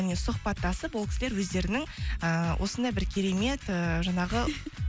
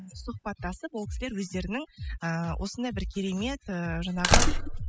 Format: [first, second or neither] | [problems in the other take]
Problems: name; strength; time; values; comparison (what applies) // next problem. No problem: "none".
first | noise reduction (classical method spectral subtraction)